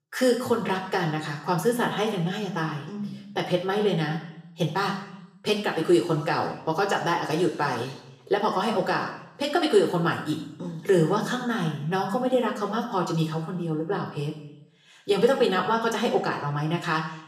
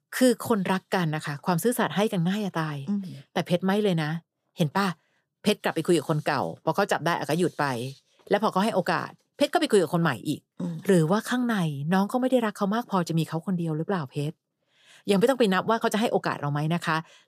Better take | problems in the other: second | room echo; noticeable; dies away in 0.8 s // off-mic speech; somewhat distant

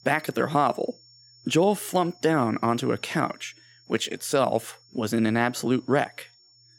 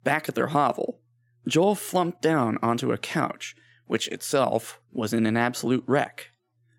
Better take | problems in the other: second | high-pitched whine; faint; throughout; 5.5 kHz, 30 dB below the speech

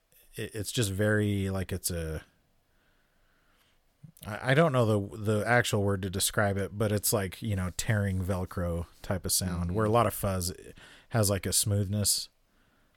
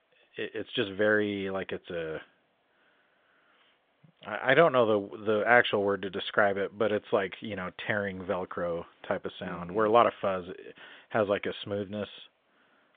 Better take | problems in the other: first | phone-call audio; nothing above 3 kHz

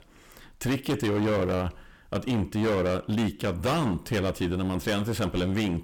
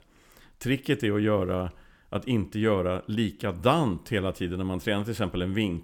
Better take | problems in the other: second | distortion; heavy; 19% of the sound clipped

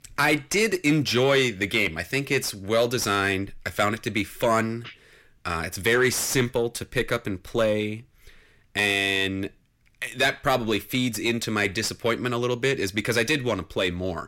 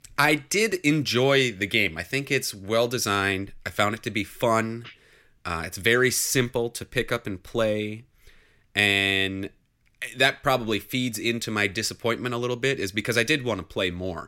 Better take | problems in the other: second | distortion; slight; 10 dB below the speech

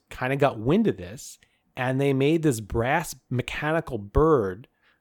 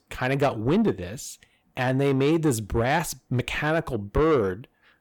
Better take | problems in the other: first | distortion; slight; 10 dB below the speech

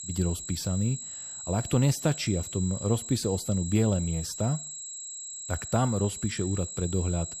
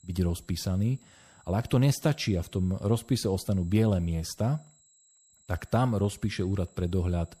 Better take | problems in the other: second | high-pitched whine; loud; throughout; 7.5 kHz, 7 dB below the speech; faint in the second

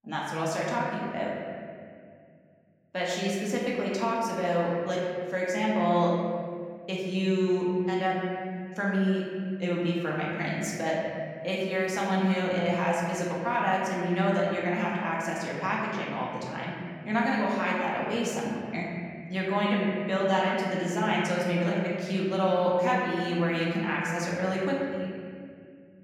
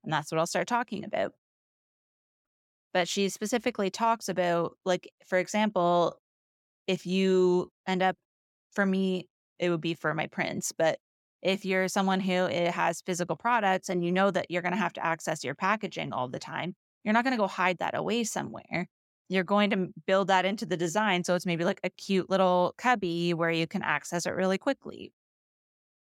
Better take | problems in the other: second | room echo; noticeable; dies away in 2.3 s // off-mic speech; far

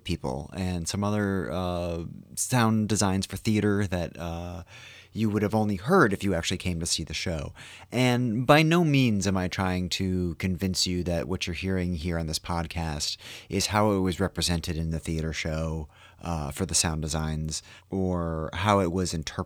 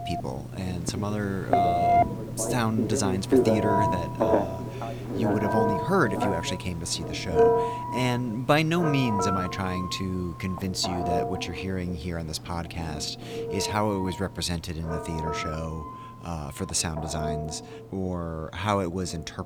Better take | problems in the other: first | alarms or sirens; very loud; throughout; 1 dB above the speech

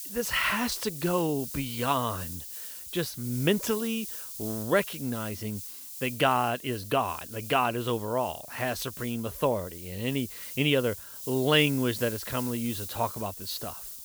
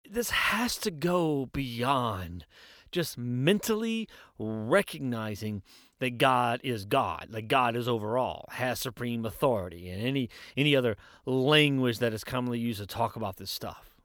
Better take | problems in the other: second | hiss; loud; throughout; 9 dB below the speech

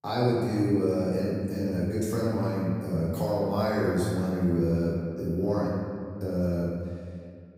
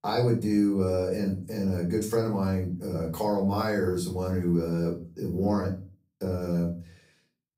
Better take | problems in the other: second | room echo; strong; dies away in 1.9 s; slight in the second // off-mic speech; far; far in the second

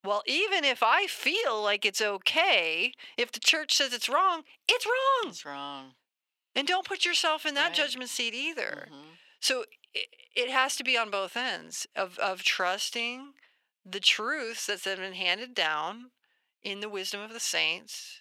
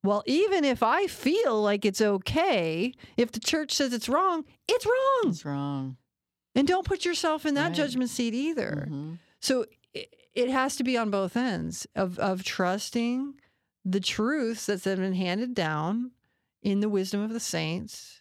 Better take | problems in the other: second | thin; very; fading below 650 Hz

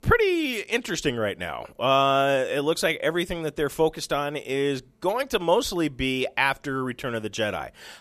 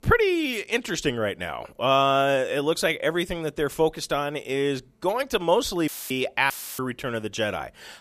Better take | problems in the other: first | audio cutting out; filled with static; at 6 s and at 6.5 s

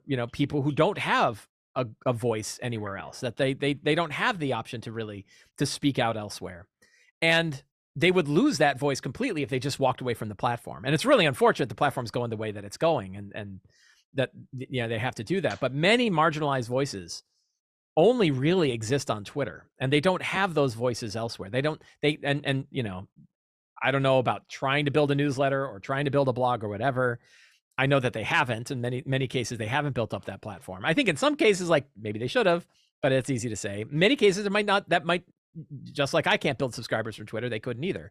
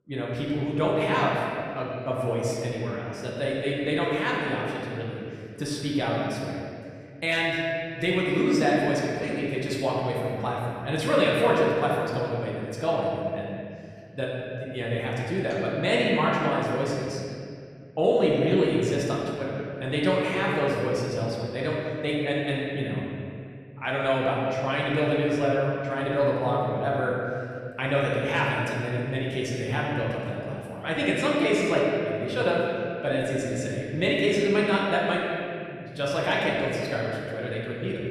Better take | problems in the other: first | room echo; noticeable; dies away in 2.2 s // off-mic speech; far

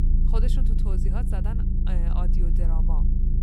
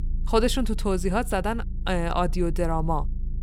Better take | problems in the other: second | low rumble; loud; throughout; 1 dB below the speech; faint in the second

